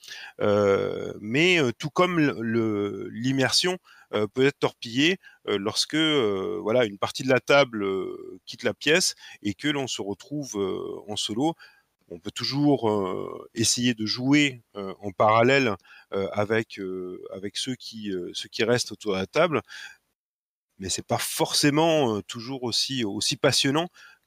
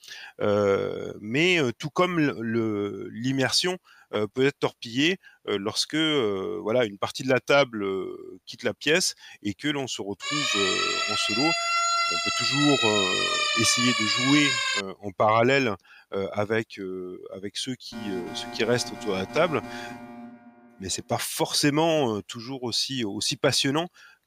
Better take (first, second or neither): first